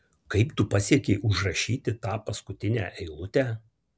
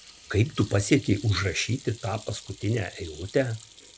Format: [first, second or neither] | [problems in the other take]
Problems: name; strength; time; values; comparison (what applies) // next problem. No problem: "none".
first | background sound (Sink (filling or washing) / Hands); 20 dB below the speech